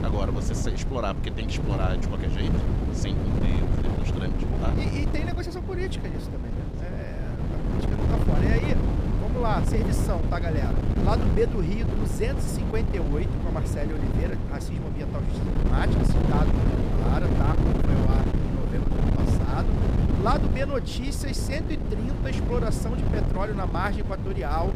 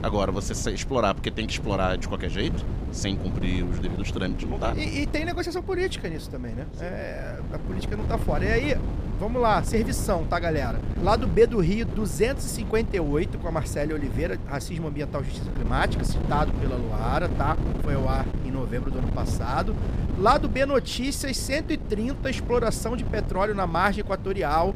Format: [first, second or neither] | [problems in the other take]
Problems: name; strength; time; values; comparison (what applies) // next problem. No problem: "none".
second | wind noise on the microphone; heavy; 1 dB below the speech; occasional gusts in the second